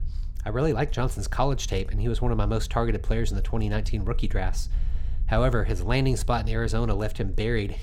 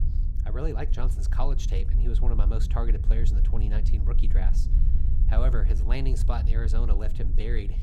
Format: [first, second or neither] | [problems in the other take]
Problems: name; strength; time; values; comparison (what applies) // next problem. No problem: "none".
first | low rumble; loud; throughout; 8 dB below the speech; faint in the first